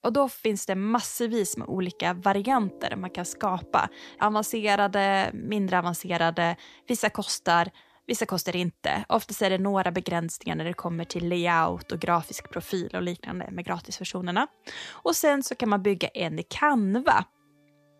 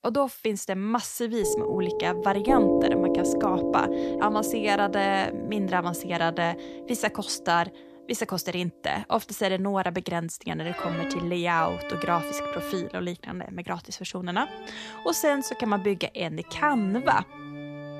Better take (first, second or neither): first